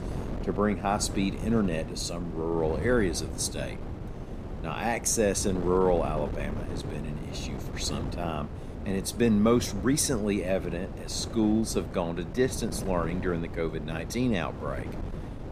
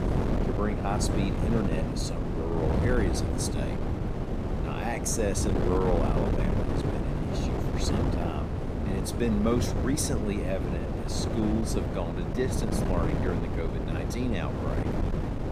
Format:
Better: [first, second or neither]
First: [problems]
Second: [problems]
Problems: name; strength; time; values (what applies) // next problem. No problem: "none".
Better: first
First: wind noise on the microphone; occasional gusts; 10 dB below the speech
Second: wind noise on the microphone; heavy; 1 dB below the speech